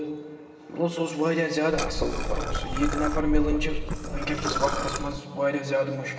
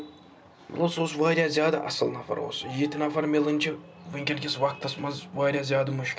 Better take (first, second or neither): second